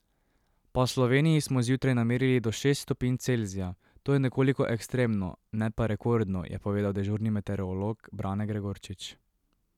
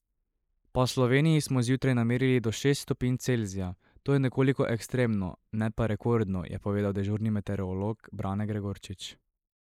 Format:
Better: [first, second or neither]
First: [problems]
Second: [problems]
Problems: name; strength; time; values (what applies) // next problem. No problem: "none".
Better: first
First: none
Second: noise reduction (neural mask model Resemble Enhance denoiser)